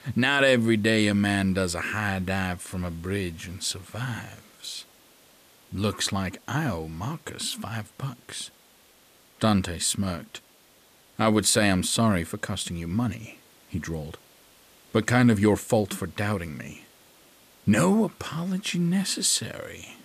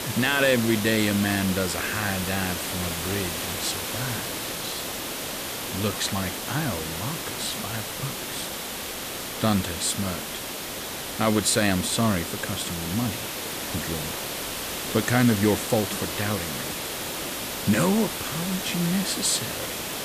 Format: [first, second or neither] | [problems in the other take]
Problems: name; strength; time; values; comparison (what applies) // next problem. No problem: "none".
first | hiss; loud; throughout; 4 dB below the speech; faint in the first